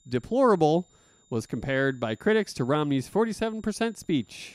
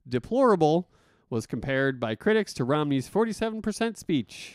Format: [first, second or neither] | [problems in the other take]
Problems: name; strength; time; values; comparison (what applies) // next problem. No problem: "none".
second | high-pitched whine; faint; throughout; 7 kHz, 35 dB below the speech